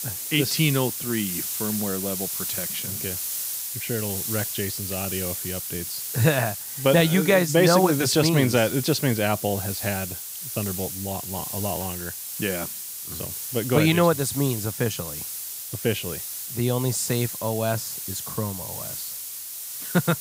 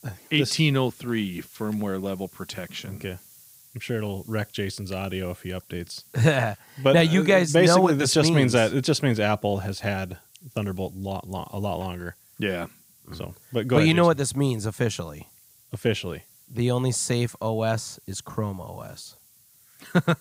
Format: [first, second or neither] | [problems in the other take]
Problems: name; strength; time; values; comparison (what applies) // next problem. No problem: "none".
second | hiss; loud; throughout; 5 dB below the speech; faint in the second